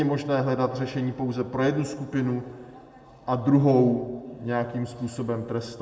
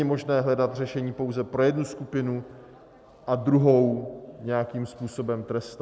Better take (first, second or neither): second